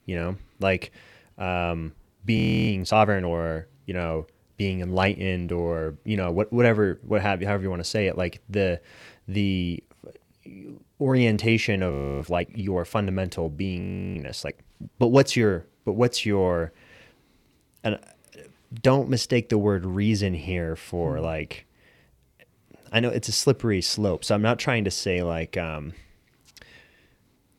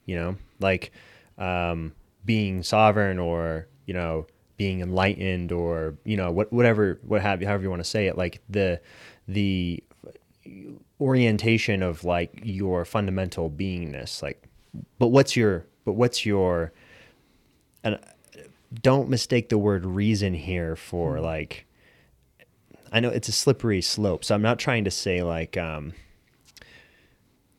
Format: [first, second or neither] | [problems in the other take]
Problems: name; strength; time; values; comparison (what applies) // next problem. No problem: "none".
second | audio freezing; at 2.5 s, at 12 s and at 14 s